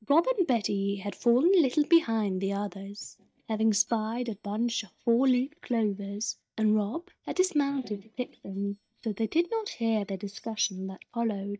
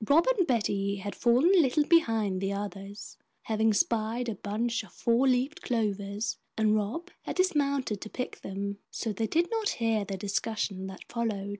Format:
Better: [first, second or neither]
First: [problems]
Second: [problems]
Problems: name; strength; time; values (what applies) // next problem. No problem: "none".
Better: second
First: noise reduction (neural mask model DeepFilterNet 3)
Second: none